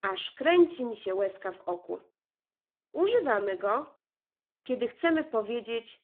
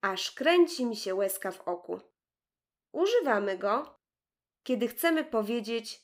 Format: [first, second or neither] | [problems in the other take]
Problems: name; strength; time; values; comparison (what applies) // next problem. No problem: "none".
second | phone-call audio; poor line